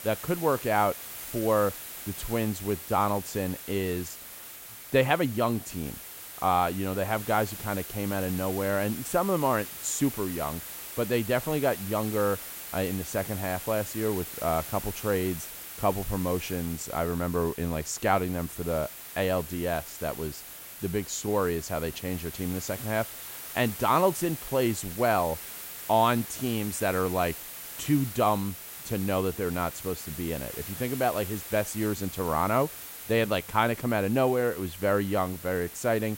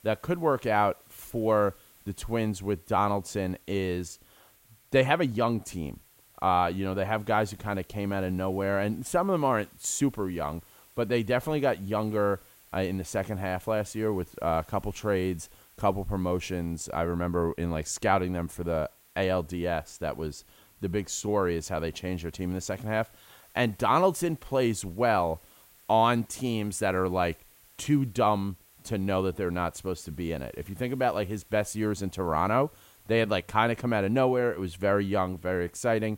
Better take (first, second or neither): second